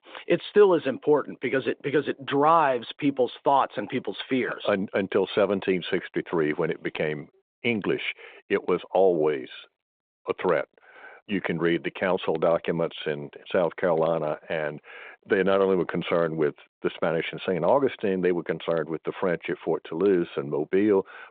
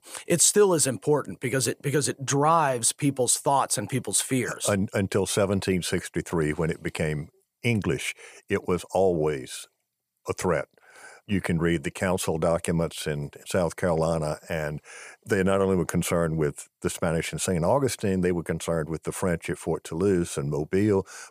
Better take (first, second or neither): second